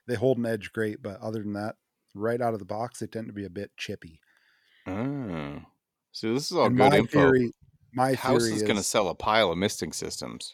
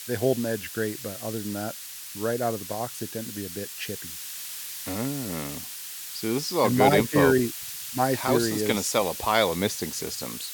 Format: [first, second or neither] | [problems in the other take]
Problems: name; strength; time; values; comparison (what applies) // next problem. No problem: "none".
first | hiss; loud; throughout; 8 dB below the speech